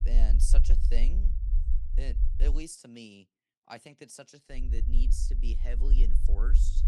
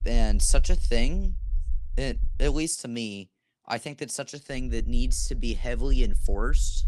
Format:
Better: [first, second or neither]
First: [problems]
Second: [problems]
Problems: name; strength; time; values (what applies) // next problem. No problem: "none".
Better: second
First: low rumble; loud; until 2.5 s and from 4.5 s on; 7 dB below the speech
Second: low rumble; faint; until 2.5 s and from 4.5 s on; 25 dB below the speech